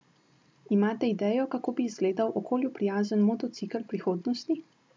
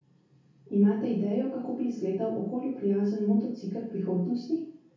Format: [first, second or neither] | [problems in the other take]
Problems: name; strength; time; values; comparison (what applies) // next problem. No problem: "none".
first | room echo; dies away in 0.6 s